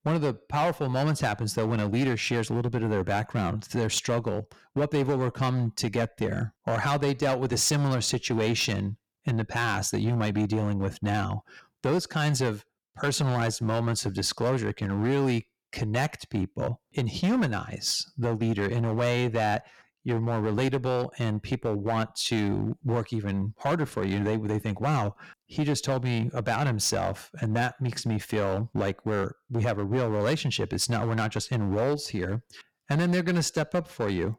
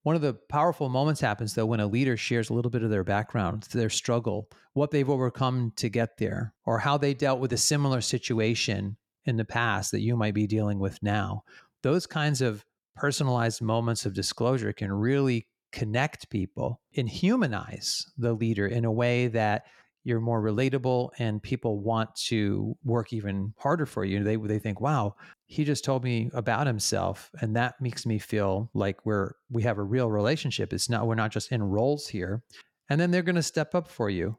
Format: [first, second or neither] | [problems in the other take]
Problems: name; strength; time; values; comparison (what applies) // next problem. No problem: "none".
second | distortion; slight; 9% of the sound clipped